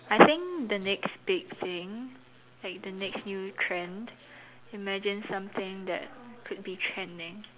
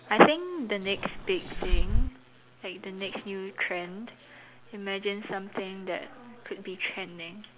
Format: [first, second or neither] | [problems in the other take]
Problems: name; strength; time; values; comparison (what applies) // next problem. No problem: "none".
first | background sound (Fireworks); 5 dB above the speech